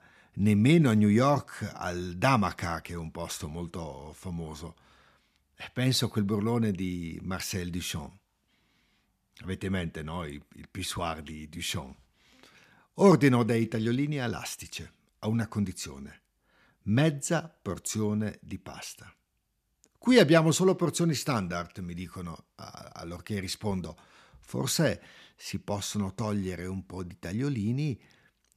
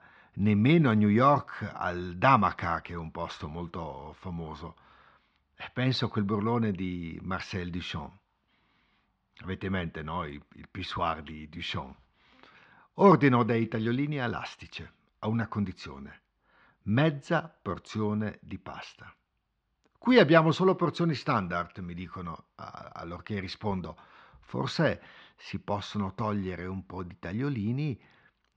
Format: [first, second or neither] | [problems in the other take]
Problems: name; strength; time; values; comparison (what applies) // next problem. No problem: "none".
first | muffled; slightly; fading above 4 kHz